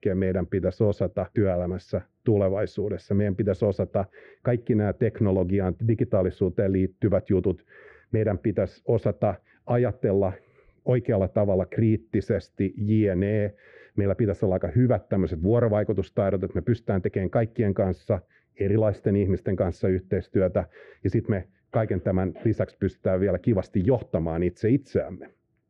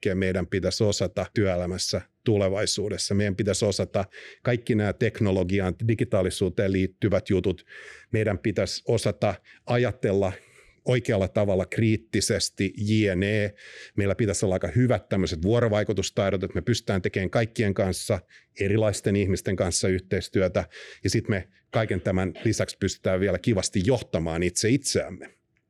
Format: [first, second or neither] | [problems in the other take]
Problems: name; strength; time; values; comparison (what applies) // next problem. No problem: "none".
second | muffled; very; fading above 3.5 kHz